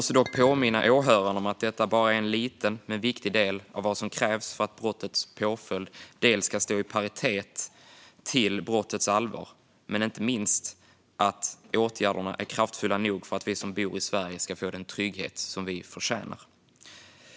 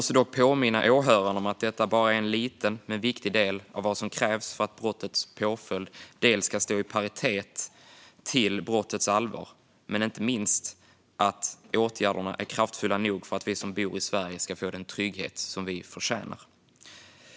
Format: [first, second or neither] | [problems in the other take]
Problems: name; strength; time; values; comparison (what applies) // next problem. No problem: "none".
second | background sound (Chink, clink); 13 dB below the speech